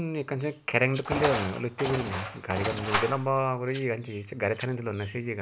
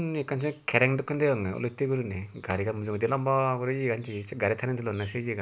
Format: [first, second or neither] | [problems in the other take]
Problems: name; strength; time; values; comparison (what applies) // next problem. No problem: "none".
second | background sound (Engine + Rattle (instrument)); 7 dB below the speech